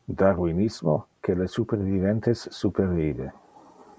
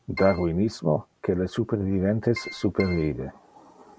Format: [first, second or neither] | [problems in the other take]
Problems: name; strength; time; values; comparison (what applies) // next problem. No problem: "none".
first | background sound (Keyboard (musical)); 12 dB below the speech